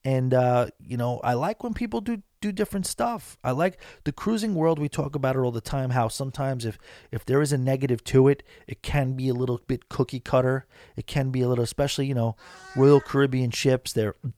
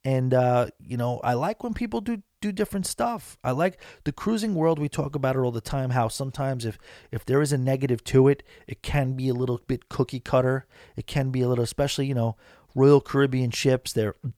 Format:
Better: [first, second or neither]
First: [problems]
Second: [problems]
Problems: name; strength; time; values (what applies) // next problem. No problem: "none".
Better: second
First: animal sounds; faint; throughout; 20 dB below the speech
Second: none